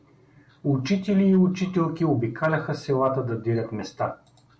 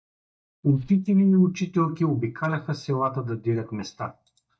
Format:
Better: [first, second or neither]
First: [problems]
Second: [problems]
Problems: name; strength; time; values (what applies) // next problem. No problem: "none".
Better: first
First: none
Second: noise reduction (neural mask model DeepFilterNet 3)